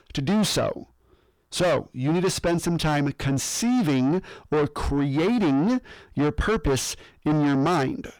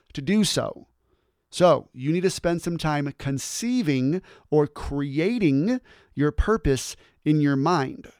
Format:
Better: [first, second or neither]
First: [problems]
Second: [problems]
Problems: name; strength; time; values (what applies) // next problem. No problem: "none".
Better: second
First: distortion; heavy; 6 dB below the speech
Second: none